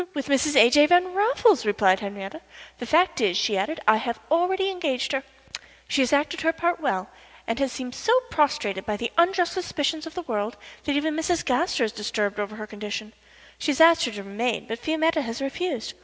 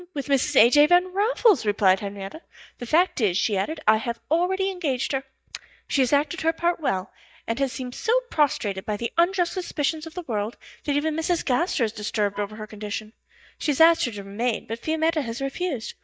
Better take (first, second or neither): first